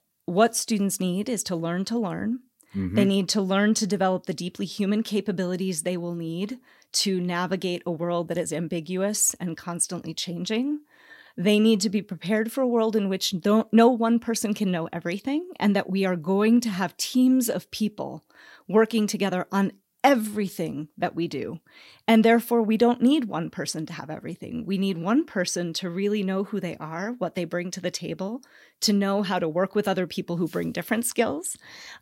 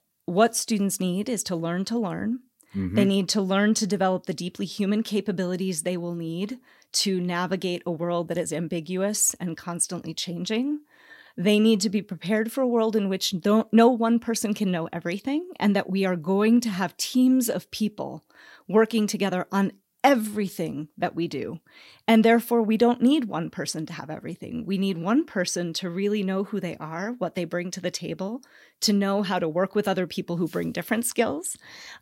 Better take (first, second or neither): neither